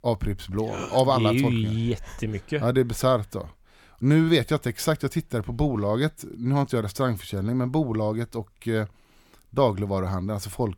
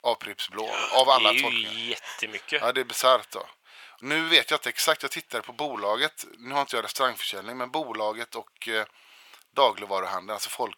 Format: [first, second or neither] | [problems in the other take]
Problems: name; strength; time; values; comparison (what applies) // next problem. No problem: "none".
first | thin; very; fading below 850 Hz